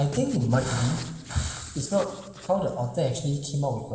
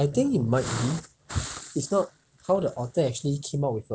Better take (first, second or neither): second